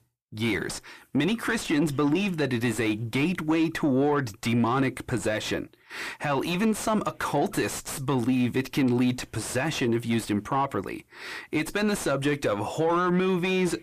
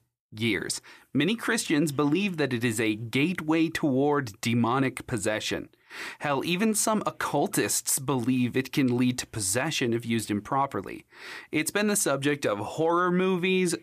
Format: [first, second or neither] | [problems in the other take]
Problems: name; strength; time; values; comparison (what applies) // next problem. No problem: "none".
second | distortion; slight; 10 dB below the speech